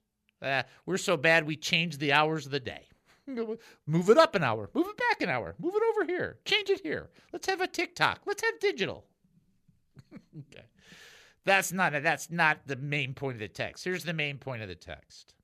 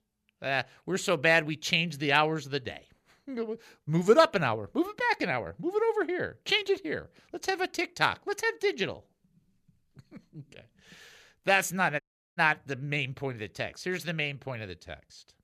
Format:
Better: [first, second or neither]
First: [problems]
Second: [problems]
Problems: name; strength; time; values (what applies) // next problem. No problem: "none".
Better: first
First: none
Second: audio cutting out; at 12 s